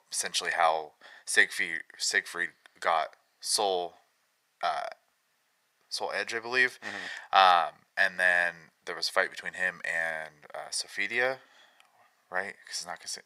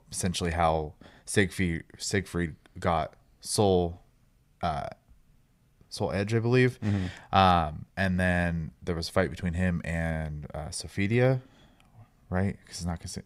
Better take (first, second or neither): second